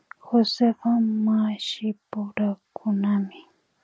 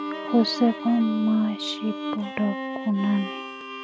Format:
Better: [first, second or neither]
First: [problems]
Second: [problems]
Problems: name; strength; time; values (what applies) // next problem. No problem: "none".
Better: first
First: none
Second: background sound (Bowed string instrument); 8 dB below the speech